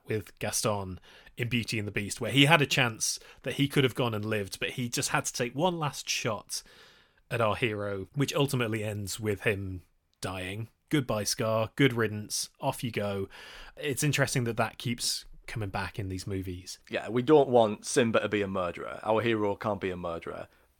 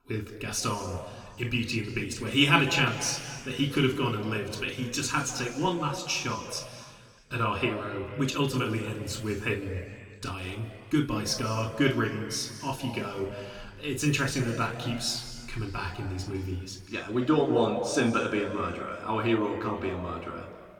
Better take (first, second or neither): first